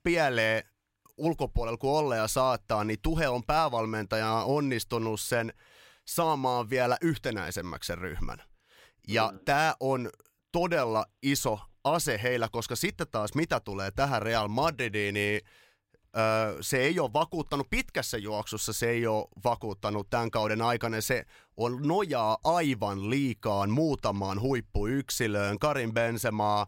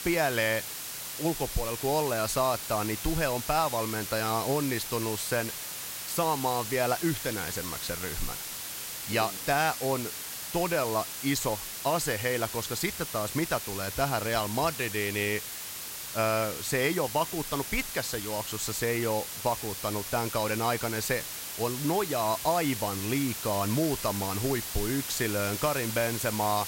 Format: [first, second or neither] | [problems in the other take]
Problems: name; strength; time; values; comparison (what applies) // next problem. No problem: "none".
first | hiss; loud; throughout; 5 dB below the speech